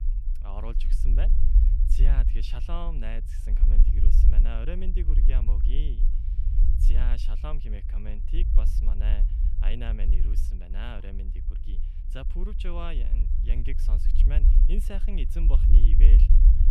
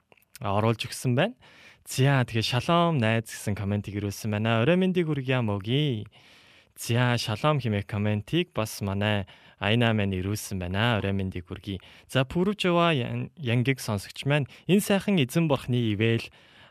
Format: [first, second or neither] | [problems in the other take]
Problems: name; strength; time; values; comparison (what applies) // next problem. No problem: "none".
second | low rumble; loud; throughout; 4 dB below the speech